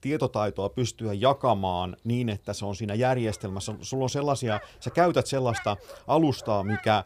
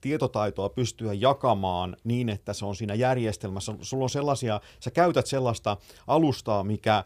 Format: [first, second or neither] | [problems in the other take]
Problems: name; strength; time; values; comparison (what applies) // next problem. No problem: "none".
second | animal sounds; noticeable; throughout; 15 dB below the speech